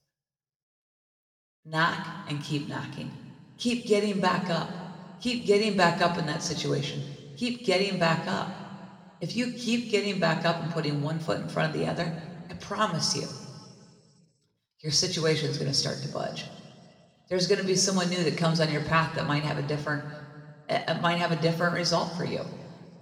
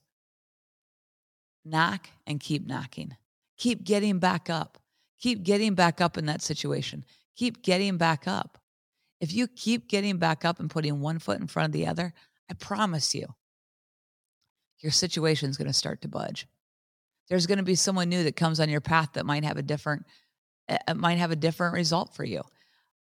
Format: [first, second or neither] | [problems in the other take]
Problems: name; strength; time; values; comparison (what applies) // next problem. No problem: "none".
second | room echo; slight; dies away in 1.8 s // off-mic speech; somewhat distant